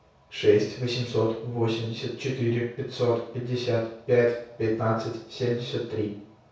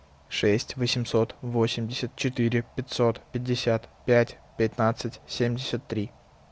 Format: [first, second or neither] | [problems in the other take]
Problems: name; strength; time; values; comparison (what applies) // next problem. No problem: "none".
second | room echo; dies away in 0.6 s